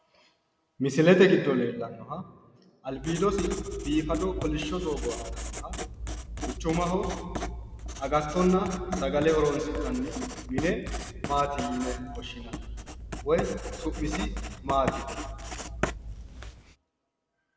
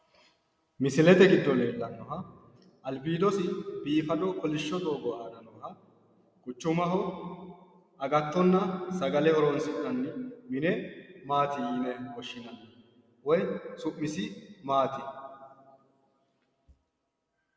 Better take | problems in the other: second | background sound (Writing); 8 dB below the speech

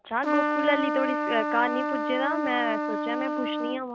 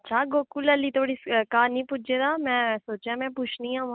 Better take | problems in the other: second | background sound (Trumpet); 1 dB above the speech

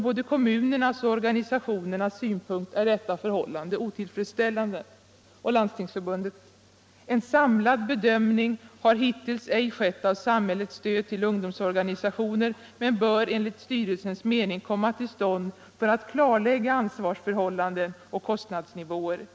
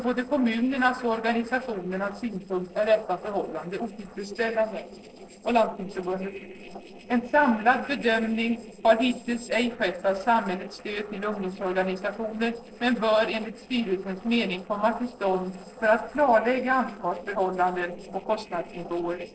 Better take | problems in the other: first | noise reduction (neural separator model SepFormer DNS4)

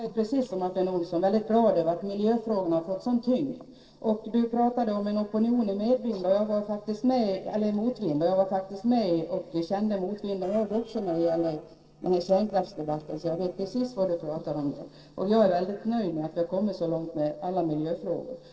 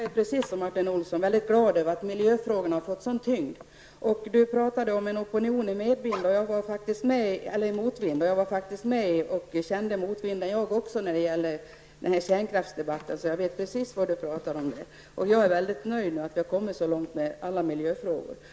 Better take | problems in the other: second | noise reduction (neural separator model SepFormer DNS4)

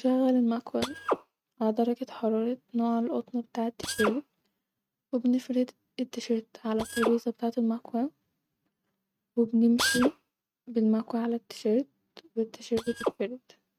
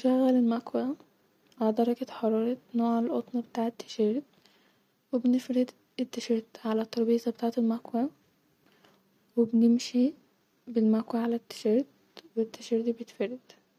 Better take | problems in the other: second | noise reduction (neural mask model RNNoise)

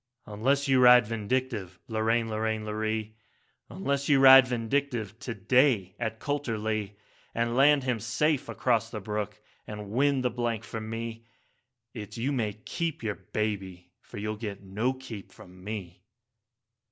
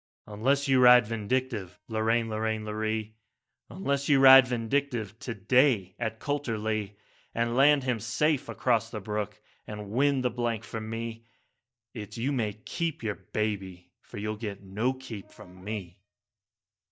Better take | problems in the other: first | noise reduction (neural mask model DeepFilterNet 3)

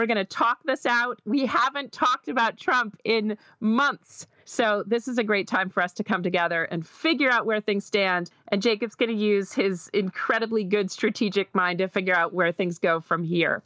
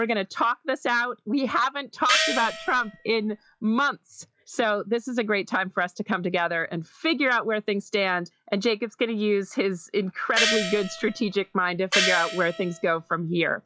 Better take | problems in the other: first | noise reduction (classical method log-MMSE)

